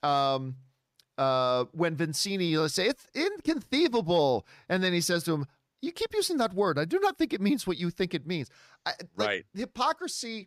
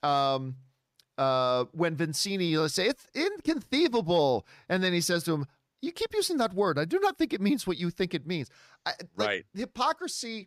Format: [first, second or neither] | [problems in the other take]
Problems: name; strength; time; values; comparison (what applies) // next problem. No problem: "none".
neither | none